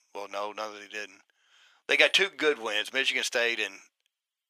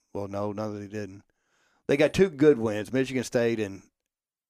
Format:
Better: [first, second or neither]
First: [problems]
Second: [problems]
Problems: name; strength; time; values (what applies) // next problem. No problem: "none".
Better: second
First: thin; very; fading below 800 Hz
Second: none